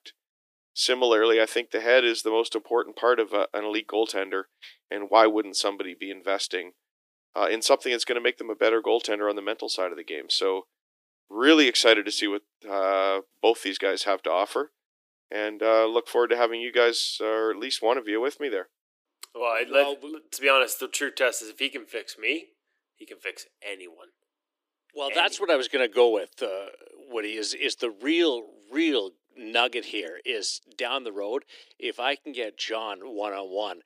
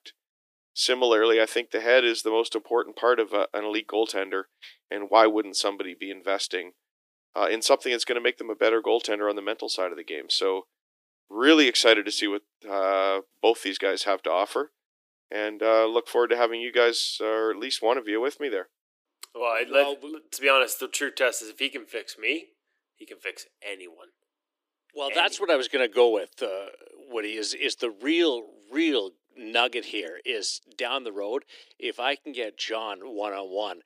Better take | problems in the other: neither | thin; very; fading below 300 Hz; the same in both

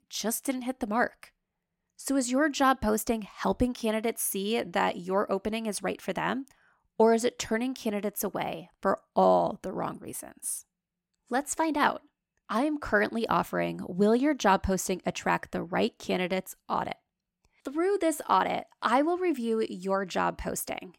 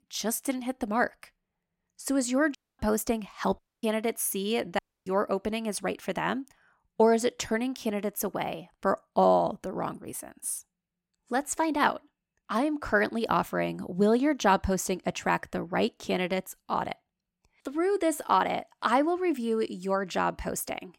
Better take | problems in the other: first | audio cutting out; at 2.5 s, at 3.5 s and at 5 s

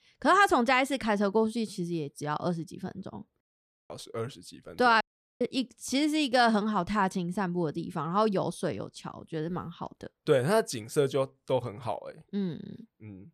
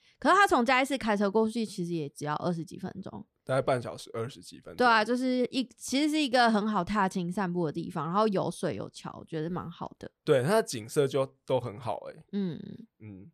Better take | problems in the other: second | audio cutting out; at 3.5 s and at 5 s

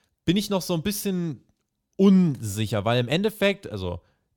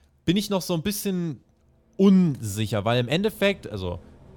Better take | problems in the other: first | traffic noise; faint; throughout; 30 dB below the speech

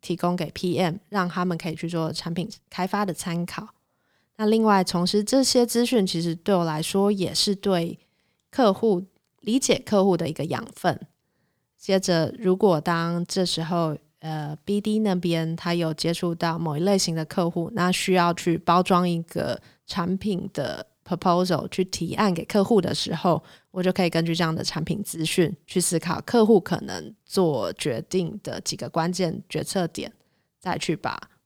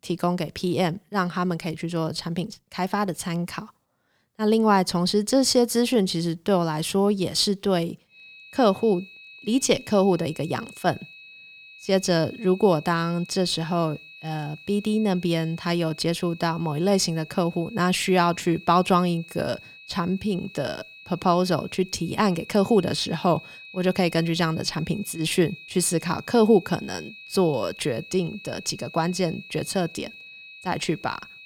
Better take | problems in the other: first | high-pitched whine; noticeable; from 8 s on; 2.5 kHz, 20 dB below the speech

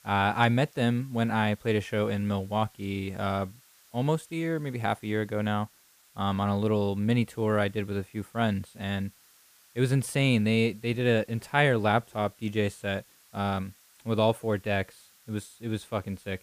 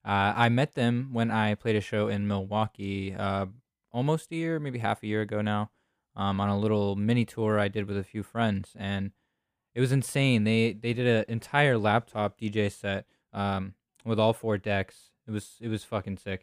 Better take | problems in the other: second | hiss; faint; throughout; 30 dB below the speech

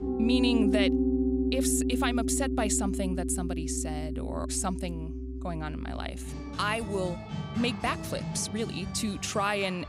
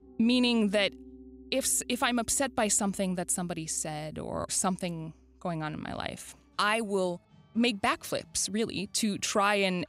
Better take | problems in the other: second | background music; loud; throughout; 1 dB below the speech; faint in the second

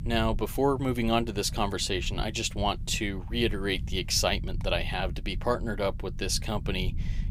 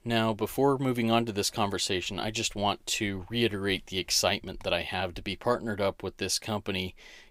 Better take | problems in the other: second | low rumble; faint; throughout; 20 dB below the speech

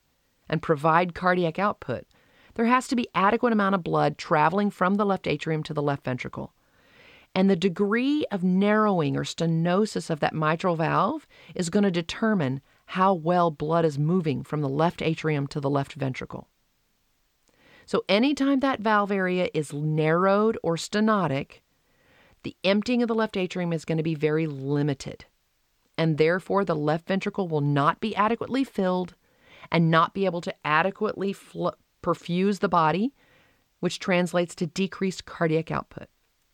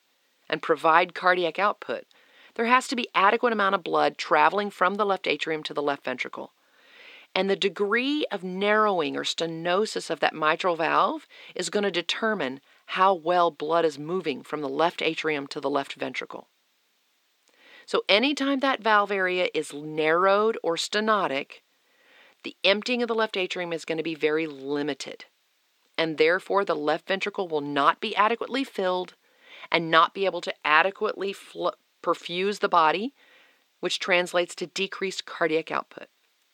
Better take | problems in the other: first | thin; somewhat; fading below 300 Hz

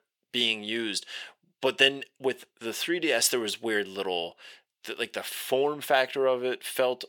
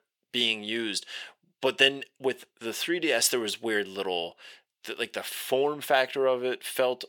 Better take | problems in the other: neither | thin; somewhat; fading below 450 Hz; the same in both

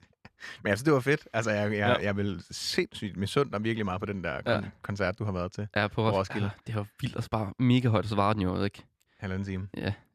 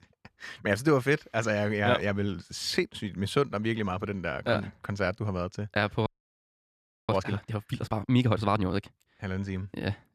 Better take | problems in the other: first | audio freezing; at 6 s for 1 s

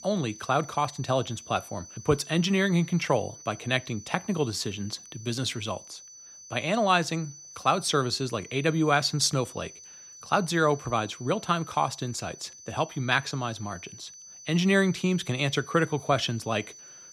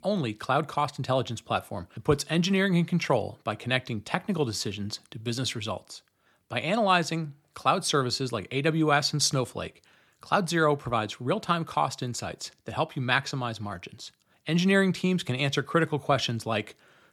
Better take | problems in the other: second | high-pitched whine; noticeable; throughout; 6 kHz, 15 dB below the speech

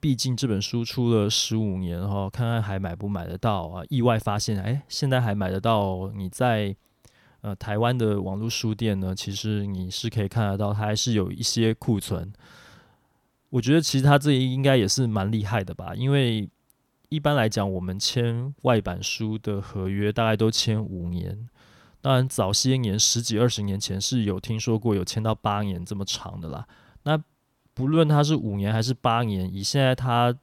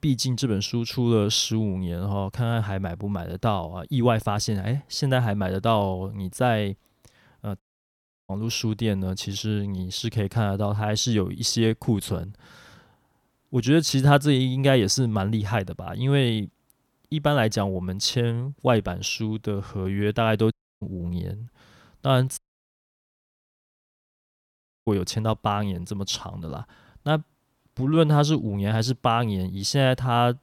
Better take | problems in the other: first | audio cutting out; at 7.5 s for 0.5 s, at 21 s and at 22 s for 2.5 s

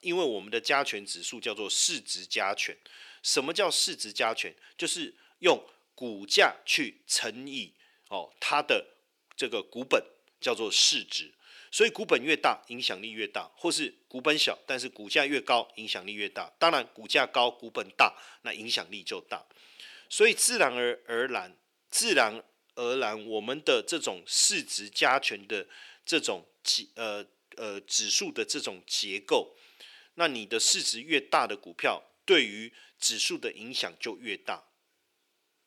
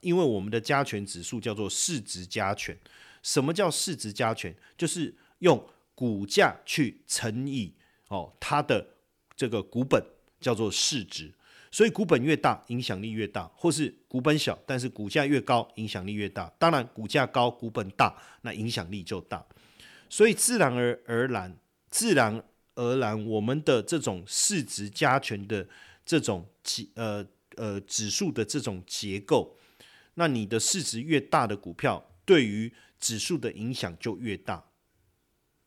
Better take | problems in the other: second | thin; somewhat; fading below 450 Hz

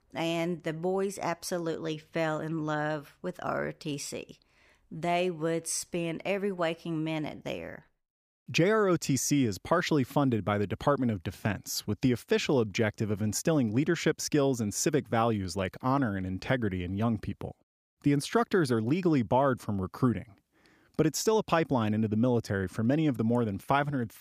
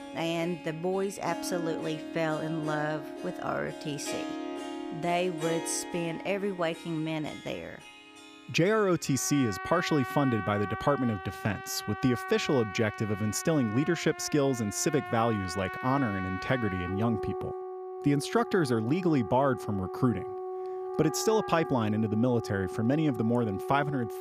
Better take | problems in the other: first | background music; loud; throughout; 9 dB below the speech

